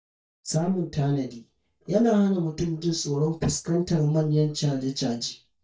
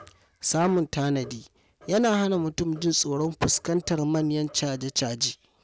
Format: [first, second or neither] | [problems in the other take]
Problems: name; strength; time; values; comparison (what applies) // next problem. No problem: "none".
second | noise reduction (neural mask model DeepFilterNet 3)